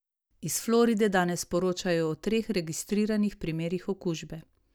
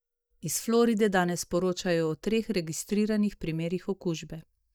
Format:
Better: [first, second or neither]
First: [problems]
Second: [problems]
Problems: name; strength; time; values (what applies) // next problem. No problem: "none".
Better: first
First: none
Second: noise reduction (neural mask model DeepFilterNet 3)